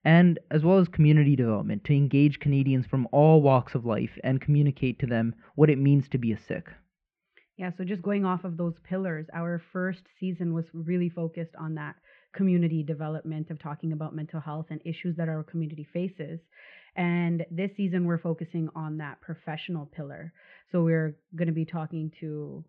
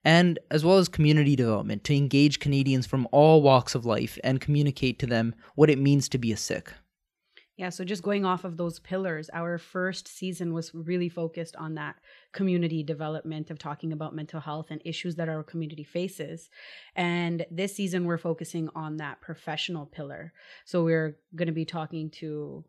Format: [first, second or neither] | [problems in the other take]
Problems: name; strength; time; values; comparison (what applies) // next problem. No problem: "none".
second | muffled; very; fading above 2.5 kHz